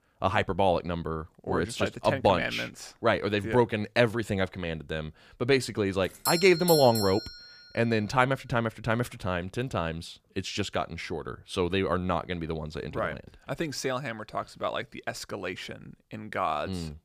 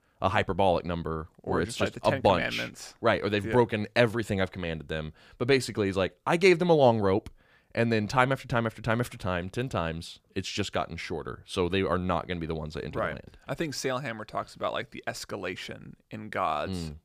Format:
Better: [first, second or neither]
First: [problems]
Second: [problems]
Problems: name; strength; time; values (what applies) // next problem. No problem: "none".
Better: second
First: doorbell; noticeable; from 6.5 to 7.5 s; peak level with the speech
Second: none